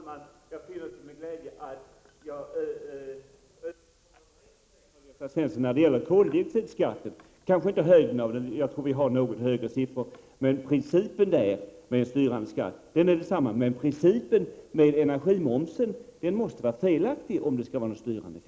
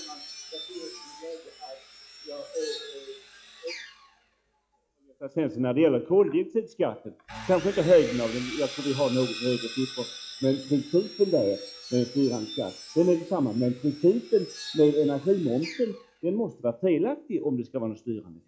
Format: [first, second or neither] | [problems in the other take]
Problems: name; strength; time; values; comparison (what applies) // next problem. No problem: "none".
first | noise reduction (classical method log-MMSE)